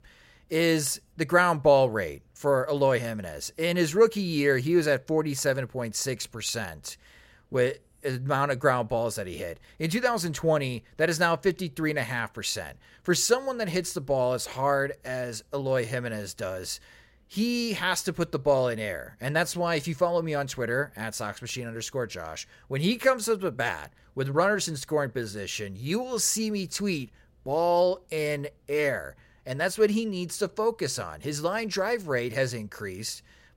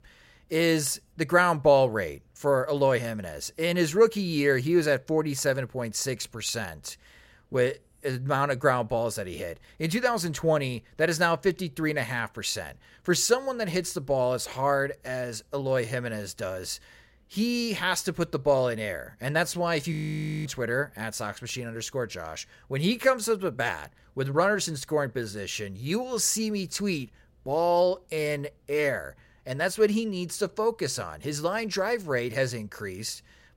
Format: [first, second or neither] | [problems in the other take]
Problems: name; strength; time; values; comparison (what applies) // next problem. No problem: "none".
first | audio freezing; at 20 s for 0.5 s